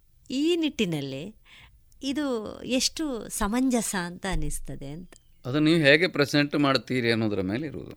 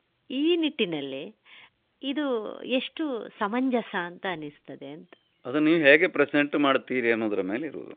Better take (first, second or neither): first